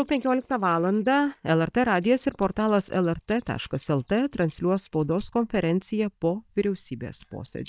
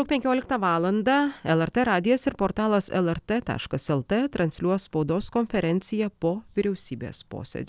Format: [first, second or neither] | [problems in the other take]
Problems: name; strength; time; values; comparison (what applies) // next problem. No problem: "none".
second | noise reduction (neural mask model DeepFilterNet 3)